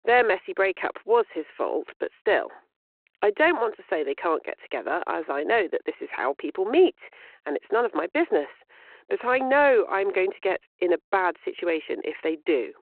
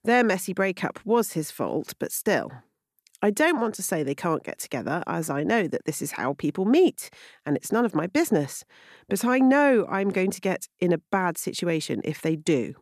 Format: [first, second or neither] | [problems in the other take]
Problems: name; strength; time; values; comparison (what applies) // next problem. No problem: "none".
second | phone-call audio; nothing above 4 kHz